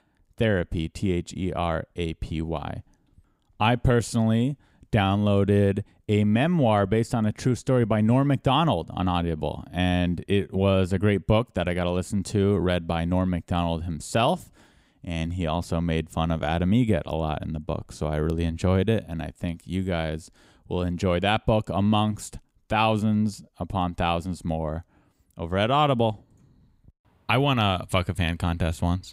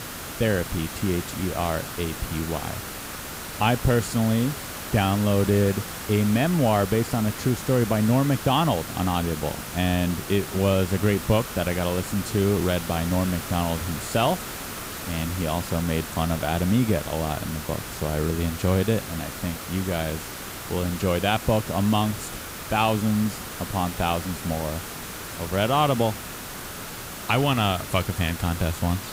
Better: first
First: none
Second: hiss; loud; throughout; 9 dB below the speech

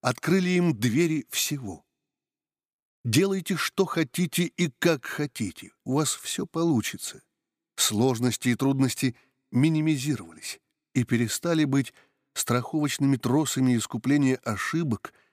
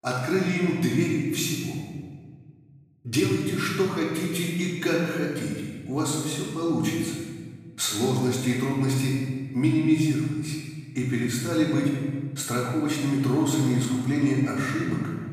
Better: first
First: none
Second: room echo; noticeable; dies away in 1.4 s // off-mic speech; far

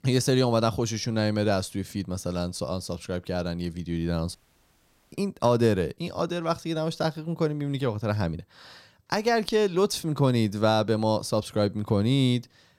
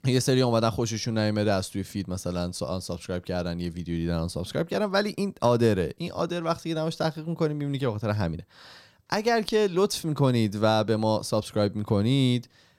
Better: second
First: audio cutting out; at 4.5 s for 1 s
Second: none

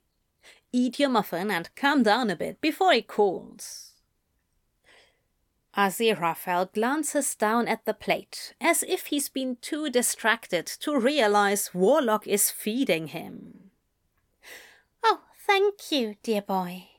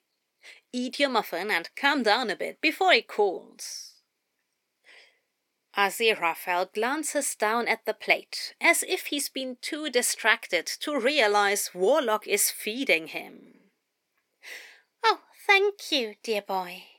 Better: first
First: none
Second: thin; very slightly; fading below 350 Hz

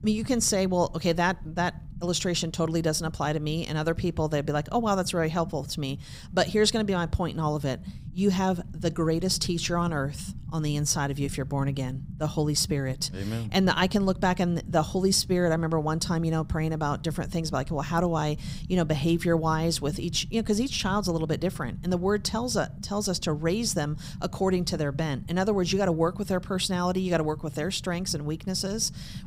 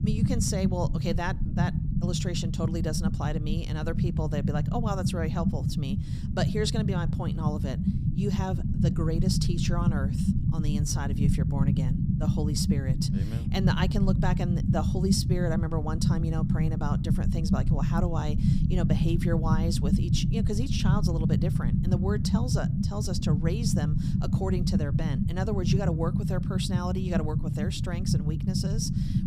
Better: first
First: low rumble; faint; throughout; 20 dB below the speech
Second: low rumble; loud; throughout; 2 dB below the speech

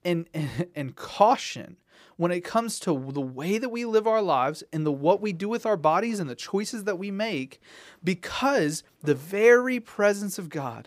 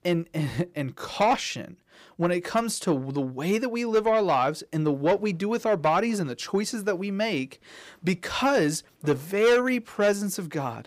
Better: first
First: none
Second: distortion; slight; 10 dB below the speech

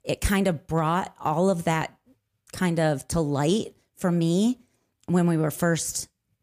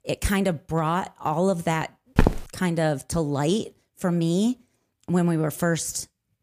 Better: first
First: none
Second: footsteps; loud; at 2 s; peak 2 dB above the speech

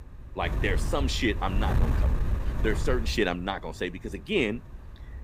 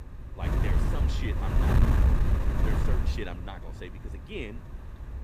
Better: first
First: wind noise on the microphone; occasional gusts; 10 dB below the speech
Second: wind noise on the microphone; heavy; 5 dB above the speech

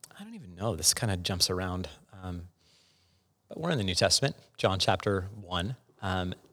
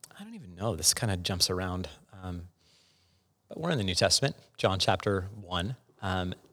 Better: neither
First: none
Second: none

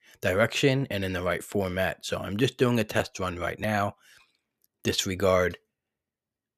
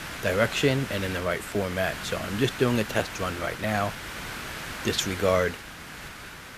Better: first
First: none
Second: hiss; loud; throughout; 9 dB below the speech

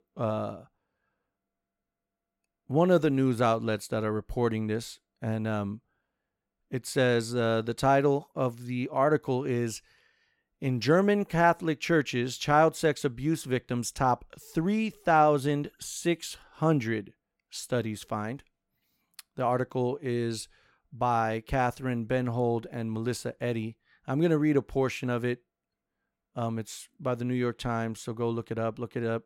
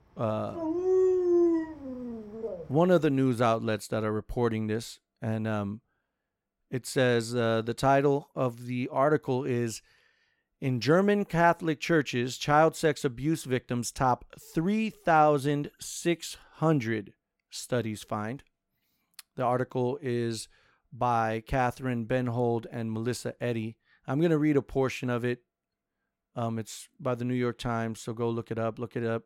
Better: first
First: none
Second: dog barking; loud; from 0.5 to 2.5 s; peak 5 dB above the speech

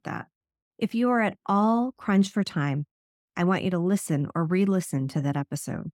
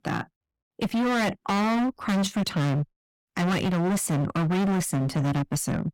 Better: first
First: none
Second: distortion; heavy; 31% of the sound clipped

